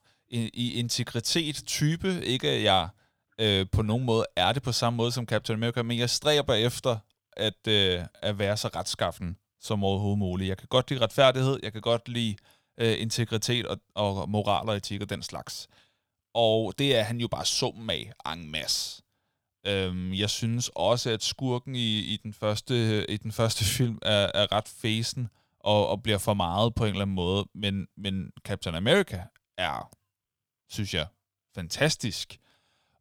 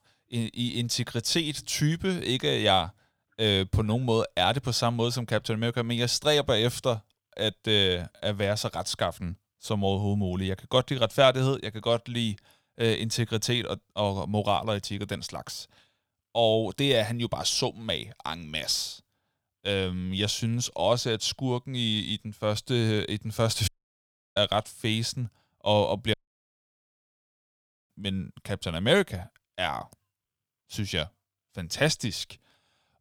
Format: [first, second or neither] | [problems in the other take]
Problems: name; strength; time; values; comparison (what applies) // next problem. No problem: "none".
first | audio cutting out; at 24 s for 0.5 s and at 26 s for 2 s